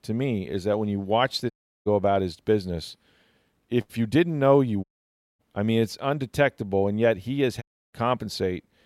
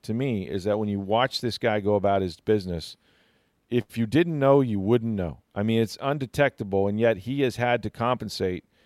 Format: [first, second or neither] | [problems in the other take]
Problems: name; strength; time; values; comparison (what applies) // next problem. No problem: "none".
second | audio cutting out; at 1.5 s, at 5 s for 0.5 s and at 7.5 s